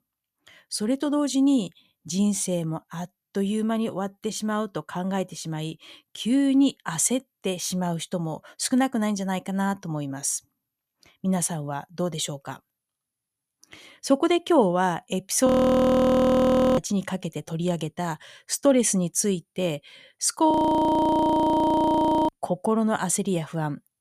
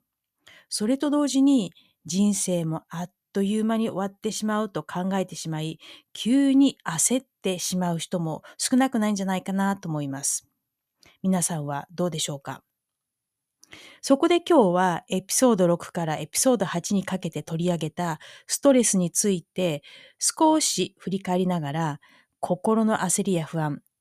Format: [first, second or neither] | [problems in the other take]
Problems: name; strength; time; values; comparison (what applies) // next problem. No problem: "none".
second | audio freezing; at 15 s for 1.5 s and at 21 s for 2 s